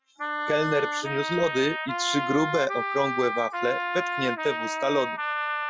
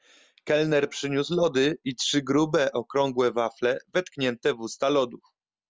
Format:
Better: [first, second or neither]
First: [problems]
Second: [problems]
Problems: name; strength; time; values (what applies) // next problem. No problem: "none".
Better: second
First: noise reduction (classical method Wiener filter)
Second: none